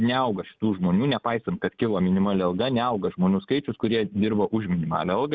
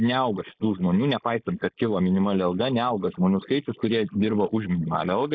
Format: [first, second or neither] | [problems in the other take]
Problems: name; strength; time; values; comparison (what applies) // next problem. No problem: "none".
first | noise reduction (neural mask model Resemble Enhance denoiser)